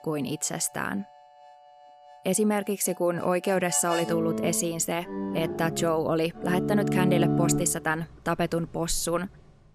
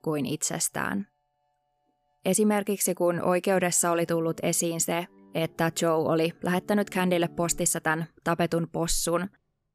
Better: second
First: background music; loud; throughout; 3 dB below the speech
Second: background music; faint; throughout; 25 dB below the speech

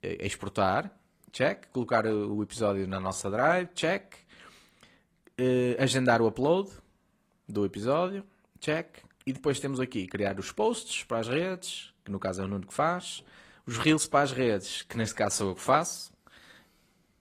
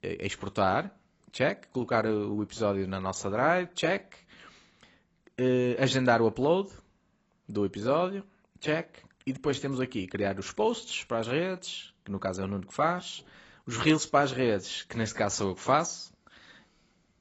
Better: first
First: garbled, watery; slightly; nothing above 14.5 kHz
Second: garbled, watery; badly; nothing above 7.5 kHz

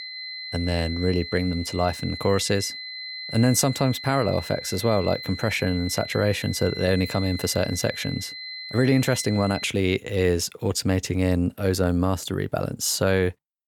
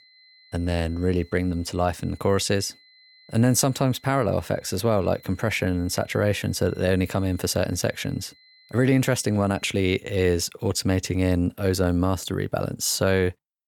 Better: second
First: high-pitched whine; loud; until 9.5 s; 4 kHz, 10 dB below the speech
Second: high-pitched whine; faint; until 9.5 s; 4 kHz, 30 dB below the speech

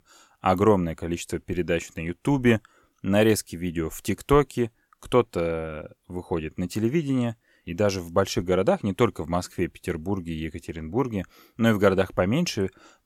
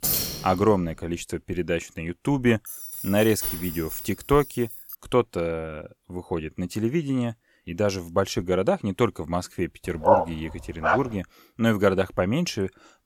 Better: first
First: none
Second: jangling keys; loud; at the start; peak 3 dB above the speech // jangling keys; noticeable; from 2.5 to 5 s; peak 3 dB below the speech // dog barking; loud; at 10 s; peak 5 dB above the speech

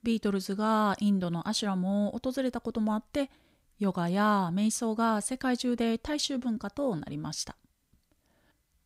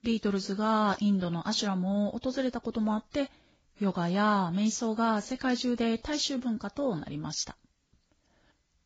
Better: first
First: none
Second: garbled, watery; badly; nothing above 7.5 kHz

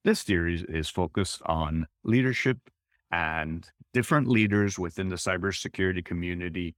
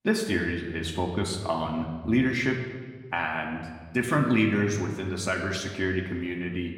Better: first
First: none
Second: room echo; slight; dies away in 1.2 s // off-mic speech; somewhat distant

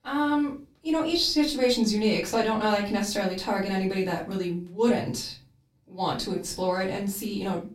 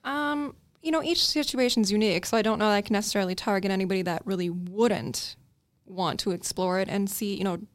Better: second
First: off-mic speech; far // room echo; slight; dies away in 0.3 s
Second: none

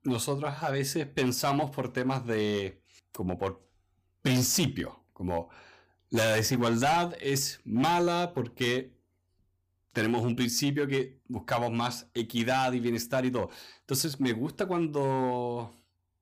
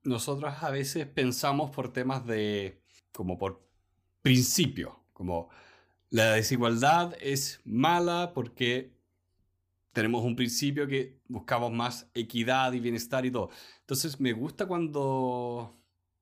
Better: second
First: distortion; slight; 6% of the sound clipped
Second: none

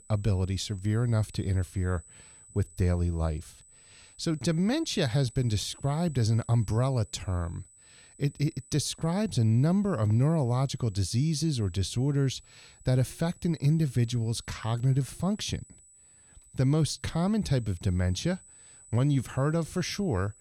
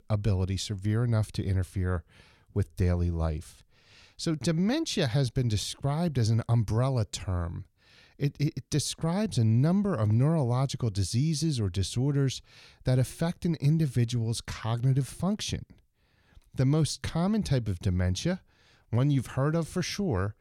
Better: second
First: high-pitched whine; faint; throughout; 8 kHz, 25 dB below the speech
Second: none

